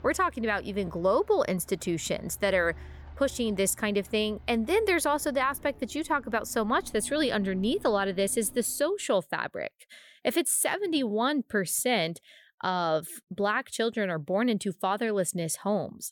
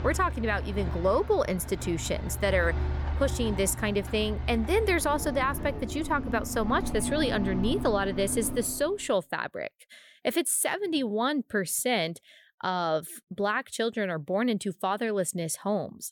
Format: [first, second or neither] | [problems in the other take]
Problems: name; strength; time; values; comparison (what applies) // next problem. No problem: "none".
first | traffic noise; loud; until 8.5 s; 6 dB below the speech; faint in the first